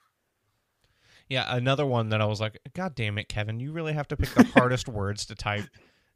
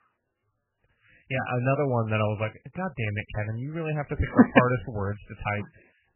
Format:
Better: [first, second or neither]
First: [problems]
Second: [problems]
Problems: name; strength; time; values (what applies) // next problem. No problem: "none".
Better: first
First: none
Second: garbled, watery; badly; nothing above 3 kHz